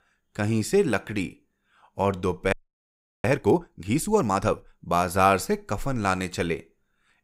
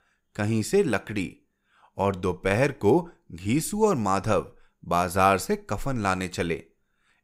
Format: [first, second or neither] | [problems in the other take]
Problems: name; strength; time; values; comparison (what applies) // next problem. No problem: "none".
second | audio freezing; at 2.5 s for 0.5 s